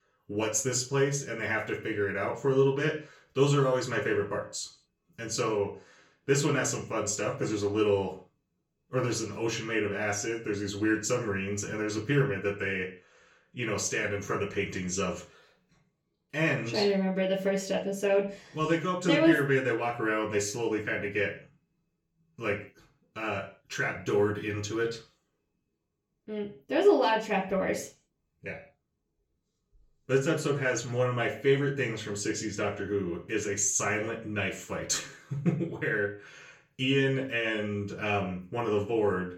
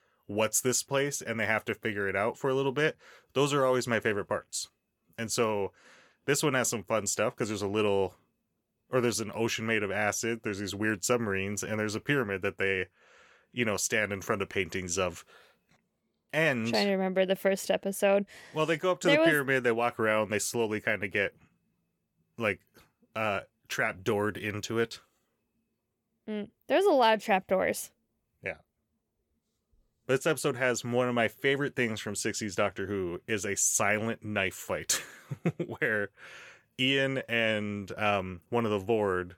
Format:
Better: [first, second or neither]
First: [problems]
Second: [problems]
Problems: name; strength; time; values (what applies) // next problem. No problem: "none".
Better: second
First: room echo; slight; dies away in 0.3 s // off-mic speech; far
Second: none